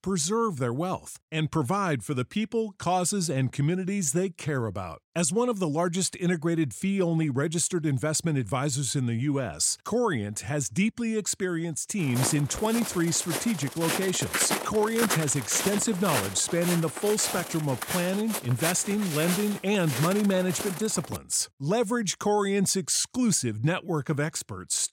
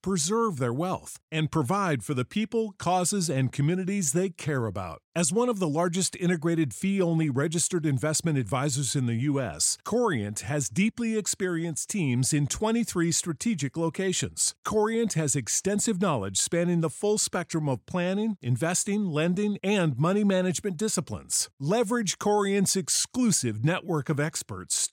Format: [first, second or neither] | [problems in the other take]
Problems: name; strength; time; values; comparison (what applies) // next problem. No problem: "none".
second | footsteps; noticeable; from 12 to 21 s; peak level with the speech